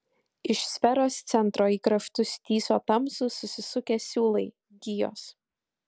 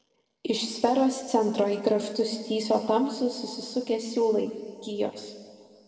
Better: first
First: none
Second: room echo; dies away in 2.2 s

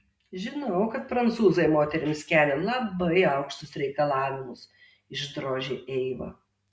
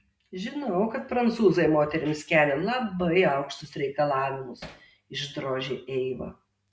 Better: first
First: none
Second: background sound (Hammer); 20 dB below the speech

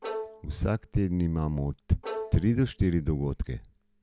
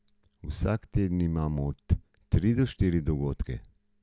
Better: second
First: background sound (Bowed string instrument); 13 dB below the speech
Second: none

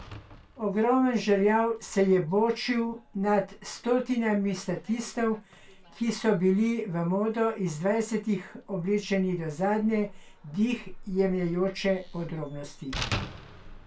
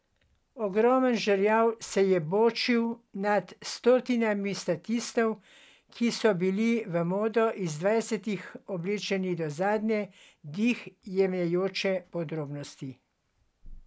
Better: second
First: background sound (Slam); 16 dB below the speech // room echo; dies away in 0.2 s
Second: none

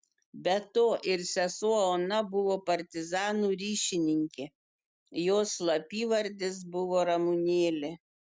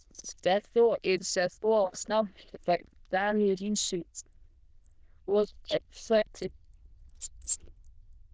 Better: first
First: none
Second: noise reduction (neural diffusion model UNIVERSE++)

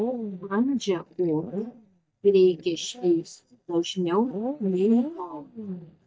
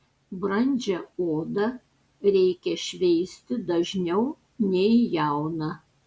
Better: second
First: noise reduction (neural mask model DeepFilterNet 3)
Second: none

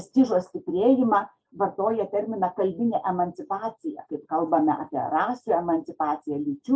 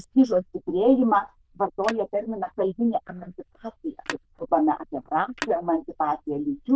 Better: first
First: none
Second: noise reduction (neural diffusion model UNIVERSE++)

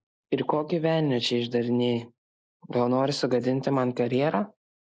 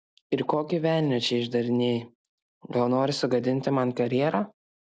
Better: second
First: noise reduction (neural mask model Resemble Enhance denoiser)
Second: none

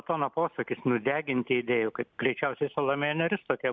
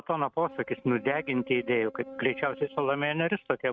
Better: first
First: none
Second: noise reduction (neural mask model RNNoise)

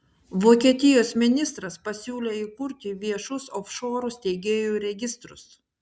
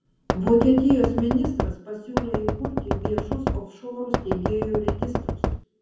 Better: first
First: none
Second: background sound (Knock); 2 dB below the speech // room echo; dies away in 0.7 s

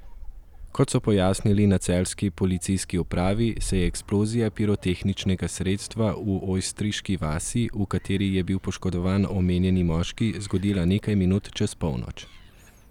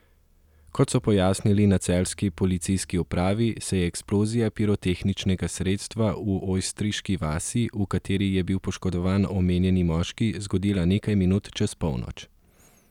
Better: second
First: background sound (Gull, seagull); 15 dB below the speech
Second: none

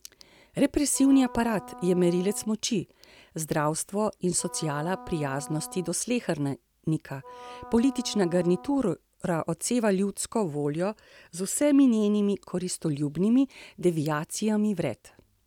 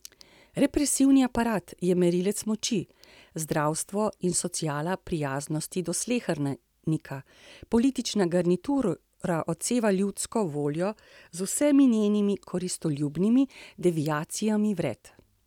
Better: second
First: background sound (Wind instrument, woodwind instrument); 19 dB below the speech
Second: none

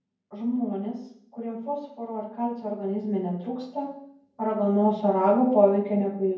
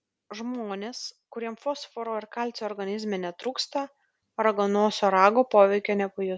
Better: second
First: room echo; dies away in 0.9 s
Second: none

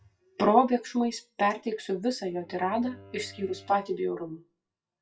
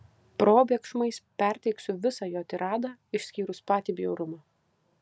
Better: second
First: noise reduction (classical method WPE with log-MMSE)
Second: none

